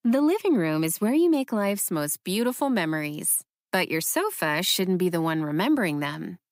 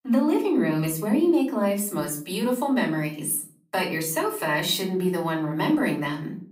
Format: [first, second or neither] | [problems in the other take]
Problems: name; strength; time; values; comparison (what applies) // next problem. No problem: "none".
first | off-mic speech; far // room echo; slight; dies away in 0.4 s